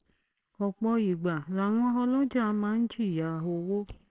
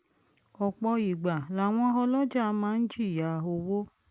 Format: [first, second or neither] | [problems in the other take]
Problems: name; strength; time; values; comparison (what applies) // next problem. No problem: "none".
second | noise reduction (neural separator model SepFormer WHAMR!)